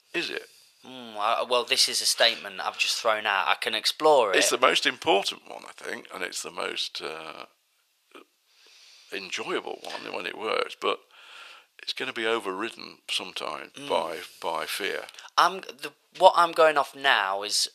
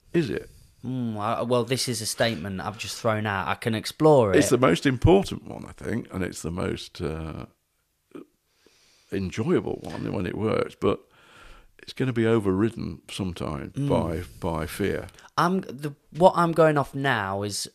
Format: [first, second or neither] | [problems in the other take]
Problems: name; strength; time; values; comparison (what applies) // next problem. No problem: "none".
second | thin; very; fading below 700 Hz